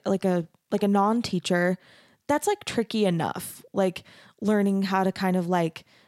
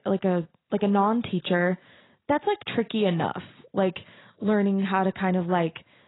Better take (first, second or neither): first